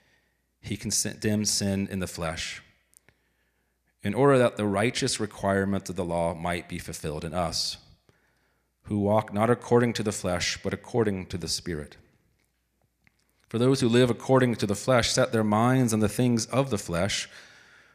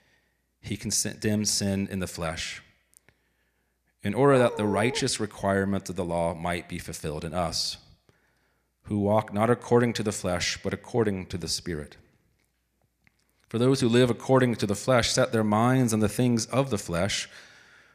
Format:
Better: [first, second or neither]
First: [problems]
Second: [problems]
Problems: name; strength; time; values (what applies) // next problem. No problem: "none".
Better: first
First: none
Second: dog barking; noticeable; at 4.5 s; peak 8 dB below the speech